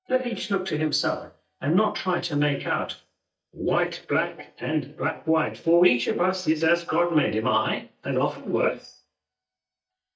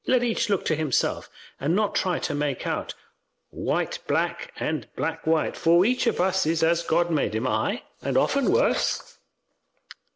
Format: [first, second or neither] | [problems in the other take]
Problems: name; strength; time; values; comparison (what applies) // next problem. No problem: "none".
second | noise reduction (neural mask model DeepFilterNet 3)